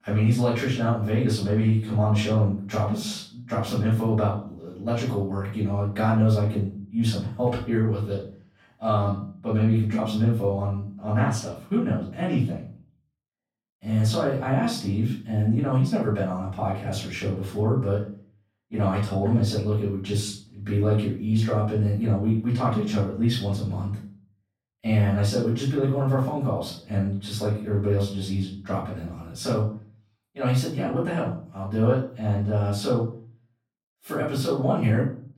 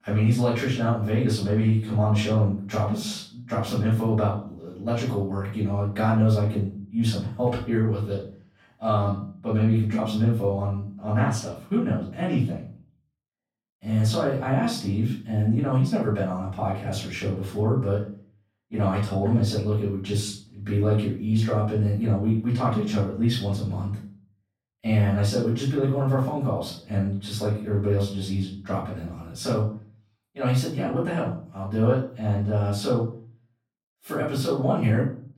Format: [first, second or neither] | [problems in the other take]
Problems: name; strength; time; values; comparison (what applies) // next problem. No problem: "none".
neither | off-mic speech; far; the same in both // room echo; noticeable; dies away in 0.4 s; the same in both